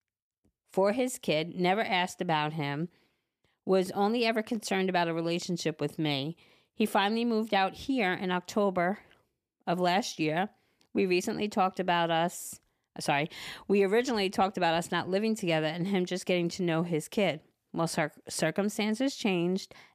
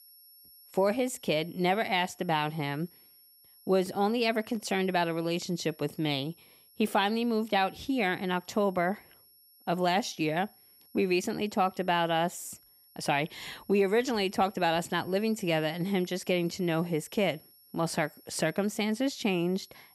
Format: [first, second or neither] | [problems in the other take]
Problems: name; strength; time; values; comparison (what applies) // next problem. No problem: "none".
first | high-pitched whine; faint; throughout; 11.5 kHz, 25 dB below the speech